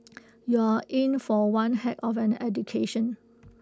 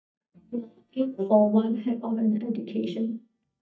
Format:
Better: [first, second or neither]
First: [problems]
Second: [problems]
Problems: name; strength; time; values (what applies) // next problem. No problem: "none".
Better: first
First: none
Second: noise reduction (neural mask model DeepFilterNet 3)